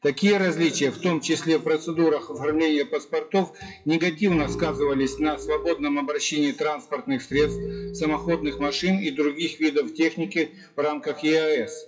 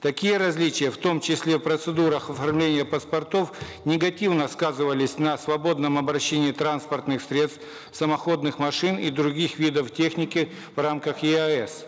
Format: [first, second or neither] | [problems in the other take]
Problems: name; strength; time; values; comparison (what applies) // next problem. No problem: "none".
second | noise reduction (classical method WPE with log-MMSE)